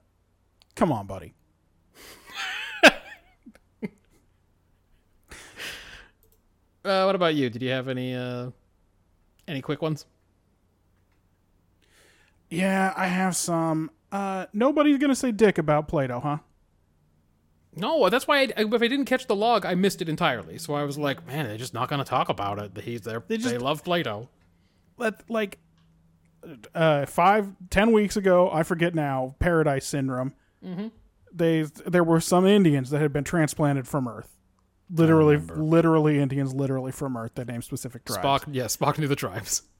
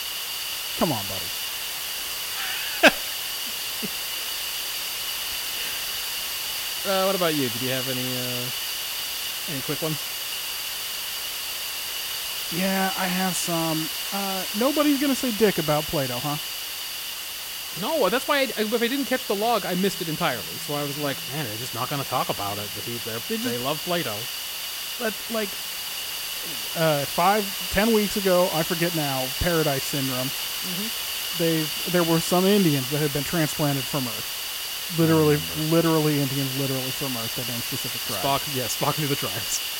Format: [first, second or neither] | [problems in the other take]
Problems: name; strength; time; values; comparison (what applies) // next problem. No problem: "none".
first | hiss; loud; throughout; 2 dB below the speech